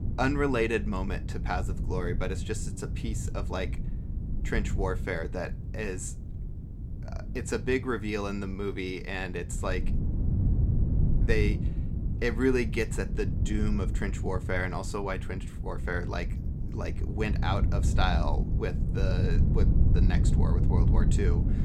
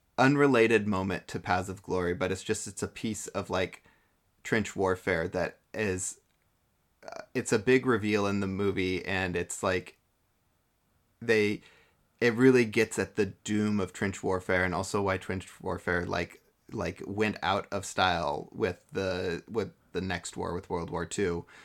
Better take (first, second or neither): second